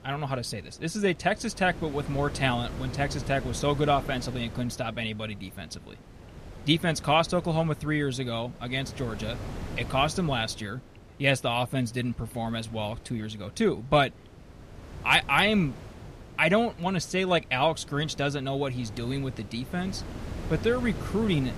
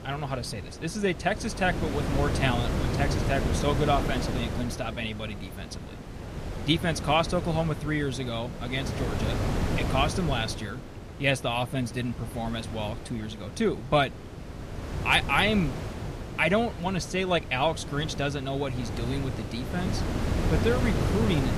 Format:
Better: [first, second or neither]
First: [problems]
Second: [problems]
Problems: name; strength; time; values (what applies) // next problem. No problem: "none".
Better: first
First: wind noise on the microphone; occasional gusts; 20 dB below the speech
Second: wind noise on the microphone; heavy; 9 dB below the speech